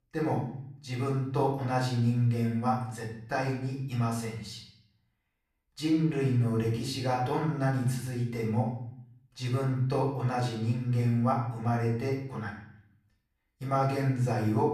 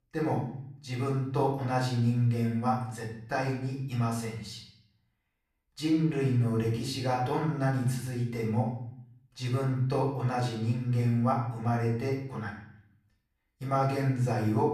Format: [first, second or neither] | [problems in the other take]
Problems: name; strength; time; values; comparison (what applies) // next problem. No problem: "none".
neither | room echo; noticeable; dies away in 0.6 s; the same in both // off-mic speech; far; the same in both